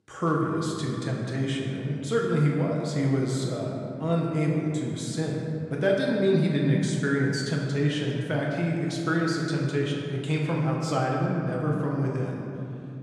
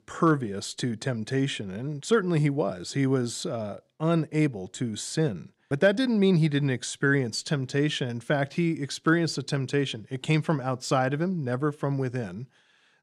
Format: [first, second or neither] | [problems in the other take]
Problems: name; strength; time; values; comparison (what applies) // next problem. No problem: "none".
second | room echo; noticeable; dies away in 2.5 s // off-mic speech; somewhat distant